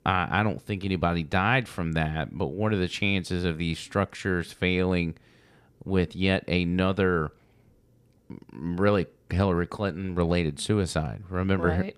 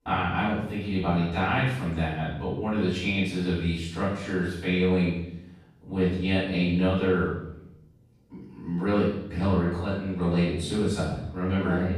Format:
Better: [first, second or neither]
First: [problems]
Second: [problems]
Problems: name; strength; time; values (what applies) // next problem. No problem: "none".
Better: first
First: none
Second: off-mic speech; far // room echo; strong; dies away in 0.7 s